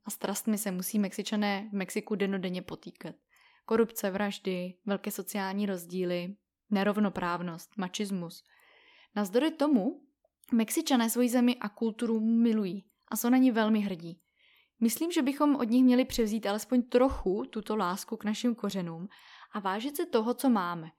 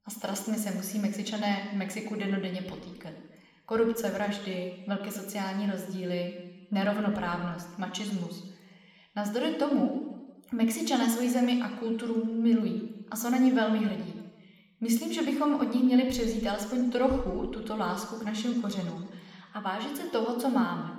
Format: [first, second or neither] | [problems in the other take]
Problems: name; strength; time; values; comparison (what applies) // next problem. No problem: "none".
first | room echo; slight; dies away in 1.1 s